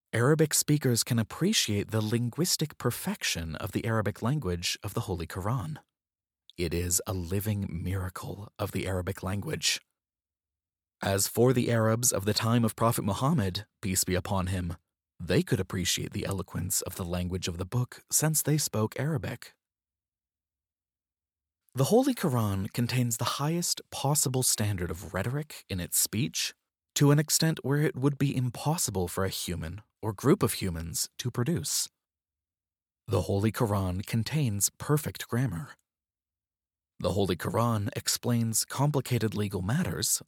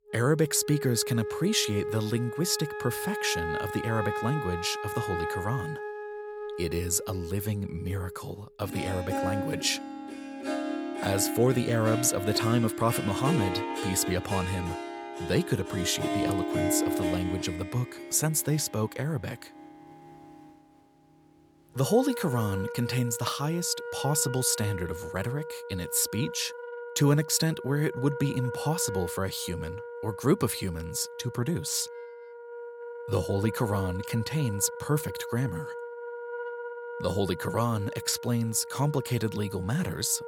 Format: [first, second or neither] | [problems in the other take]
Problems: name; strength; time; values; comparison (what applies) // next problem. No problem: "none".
first | background music; loud; throughout; 7 dB below the speech